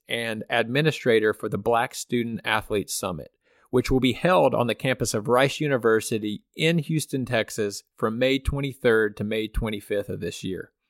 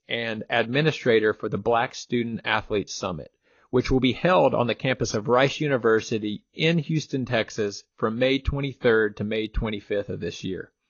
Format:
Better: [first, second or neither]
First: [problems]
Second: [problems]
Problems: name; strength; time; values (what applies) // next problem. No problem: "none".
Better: first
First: none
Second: garbled, watery; slightly; nothing above 6.5 kHz